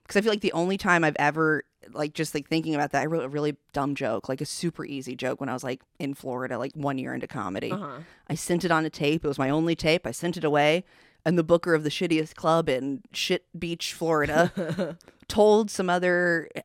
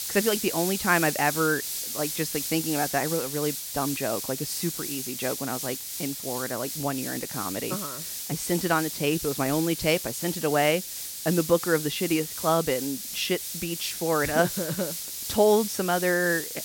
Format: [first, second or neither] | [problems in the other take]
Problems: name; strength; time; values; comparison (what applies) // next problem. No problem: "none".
first | hiss; loud; throughout; 4 dB below the speech